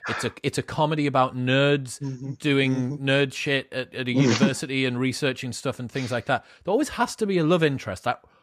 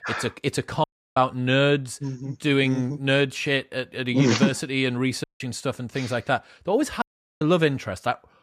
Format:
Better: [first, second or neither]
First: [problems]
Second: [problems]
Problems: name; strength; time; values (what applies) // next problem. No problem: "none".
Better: first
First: none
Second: audio cutting out; at 1 s, at 5 s and at 7 s